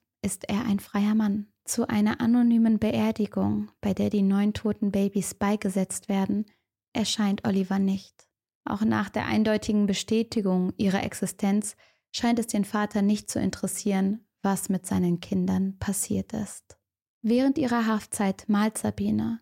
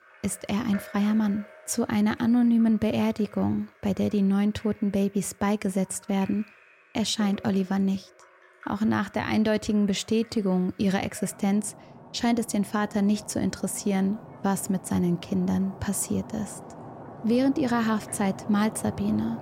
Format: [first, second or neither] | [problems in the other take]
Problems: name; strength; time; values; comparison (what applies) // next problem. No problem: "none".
first | rain or running water; noticeable; throughout; 20 dB below the speech